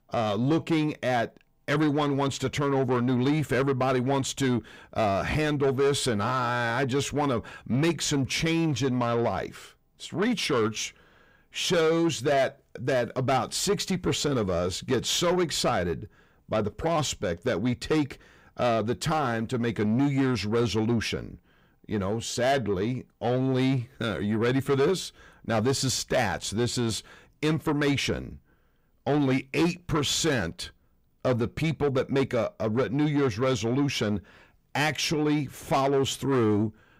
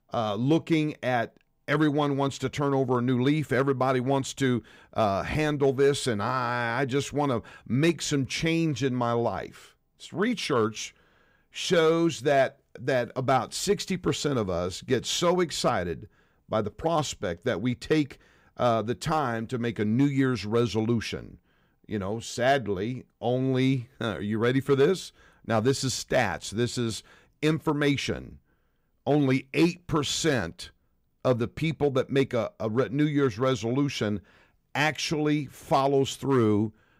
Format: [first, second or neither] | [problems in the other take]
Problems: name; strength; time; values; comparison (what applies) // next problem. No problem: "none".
second | distortion; slight; 10 dB below the speech